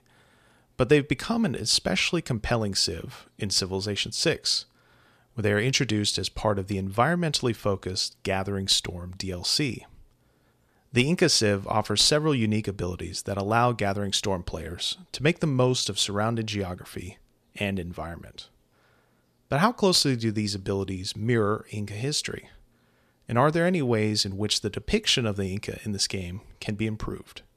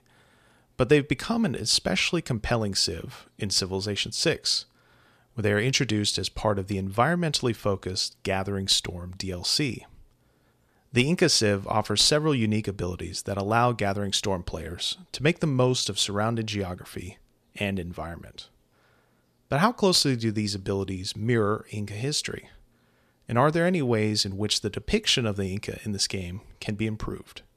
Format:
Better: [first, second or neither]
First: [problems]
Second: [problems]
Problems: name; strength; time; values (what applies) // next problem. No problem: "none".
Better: neither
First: none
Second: none